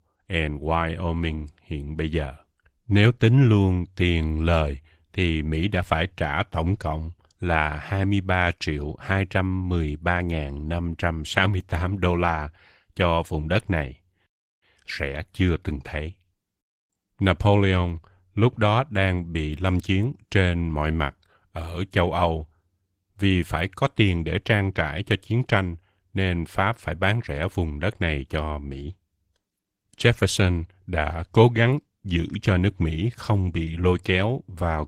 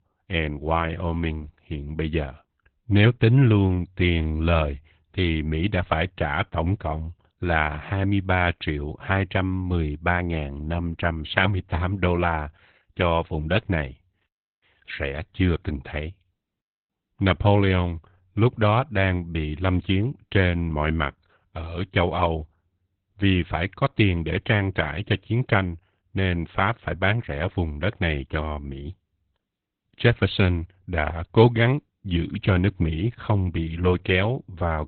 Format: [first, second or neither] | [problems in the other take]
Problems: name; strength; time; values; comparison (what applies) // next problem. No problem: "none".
first | garbled, watery; badly; nothing above 3.5 kHz; slightly in the first